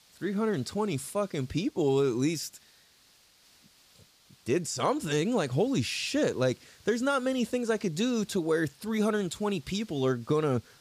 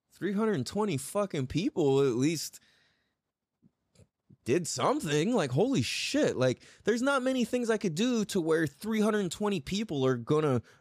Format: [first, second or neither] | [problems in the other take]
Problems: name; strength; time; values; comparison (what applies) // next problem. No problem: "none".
second | hiss; faint; throughout; 30 dB below the speech